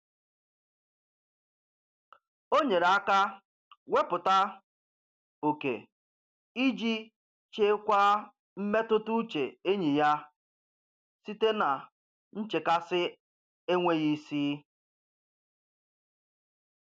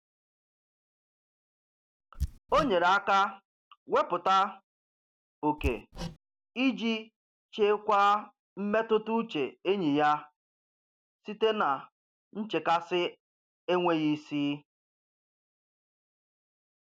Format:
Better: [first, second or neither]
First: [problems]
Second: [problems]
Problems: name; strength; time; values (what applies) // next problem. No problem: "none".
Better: first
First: none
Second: background sound (Hammer); 9 dB below the speech